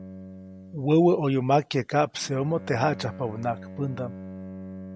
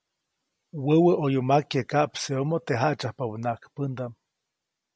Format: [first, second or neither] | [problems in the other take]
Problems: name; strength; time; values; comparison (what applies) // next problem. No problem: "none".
second | background sound (Bowed string instrument); 15 dB below the speech